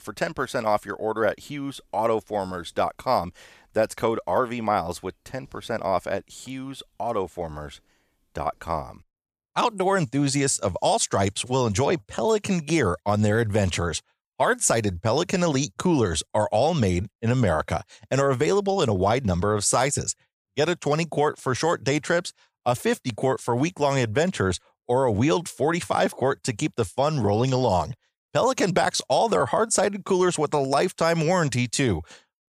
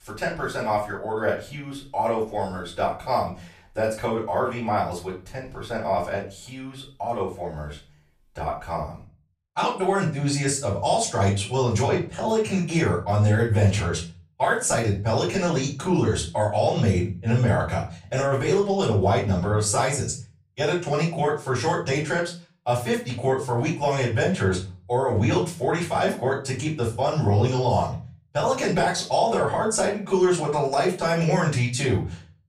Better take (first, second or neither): first